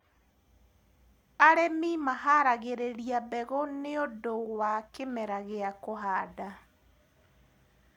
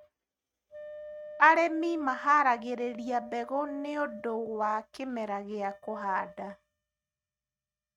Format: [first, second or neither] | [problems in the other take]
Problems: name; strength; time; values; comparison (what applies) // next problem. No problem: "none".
first | noise reduction (neural mask model RNNoise)